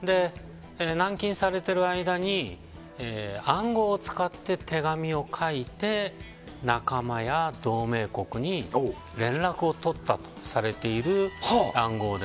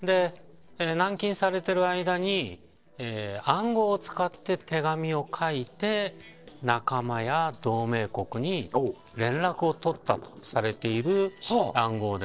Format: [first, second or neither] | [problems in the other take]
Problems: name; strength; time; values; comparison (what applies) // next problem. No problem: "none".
first | noise reduction (neural separator model SepFormer DNS4)